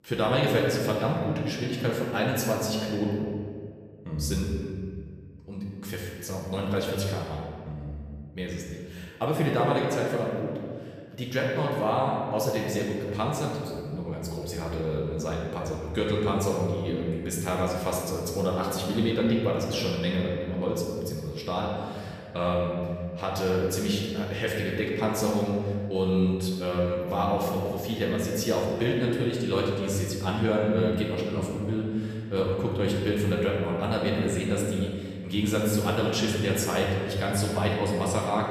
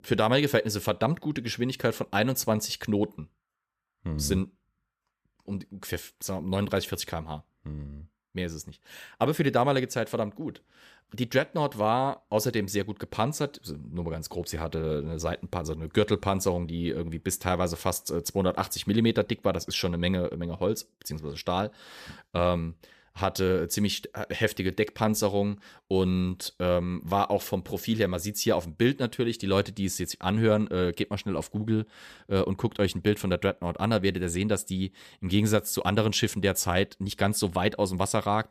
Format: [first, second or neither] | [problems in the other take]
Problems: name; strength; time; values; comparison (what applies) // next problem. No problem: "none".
second | room echo; noticeable; dies away in 1.7 s // off-mic speech; far